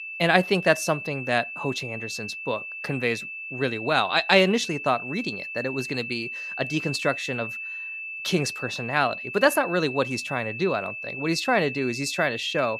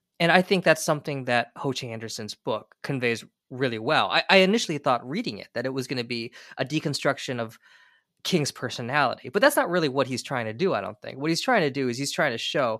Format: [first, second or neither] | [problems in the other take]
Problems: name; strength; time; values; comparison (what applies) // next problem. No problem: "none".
second | high-pitched whine; loud; throughout; 2.5 kHz, 7 dB below the speech